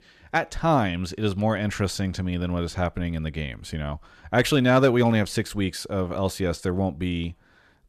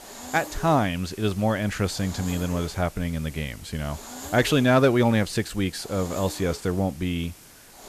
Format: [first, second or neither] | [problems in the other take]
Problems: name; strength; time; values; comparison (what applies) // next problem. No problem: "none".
first | hiss; noticeable; throughout; 15 dB below the speech